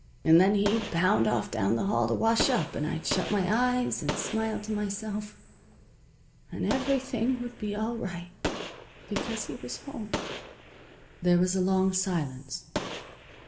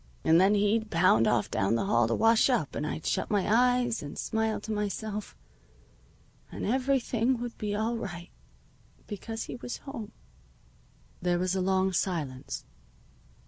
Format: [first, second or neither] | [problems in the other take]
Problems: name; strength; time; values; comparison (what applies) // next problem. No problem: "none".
second | background sound (Gunshot, gunfire); 10 dB below the speech // room echo; dies away in 1.9 s